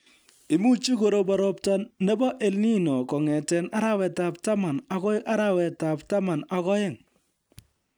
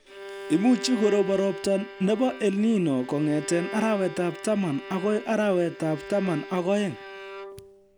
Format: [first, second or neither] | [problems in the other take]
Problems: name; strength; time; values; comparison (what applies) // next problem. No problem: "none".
first | background sound (Bowed string instrument); 13 dB below the speech